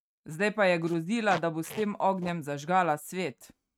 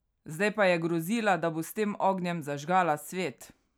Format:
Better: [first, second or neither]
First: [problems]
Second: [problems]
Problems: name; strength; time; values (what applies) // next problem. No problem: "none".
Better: second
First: noise reduction (neural mask model RNNoise)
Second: none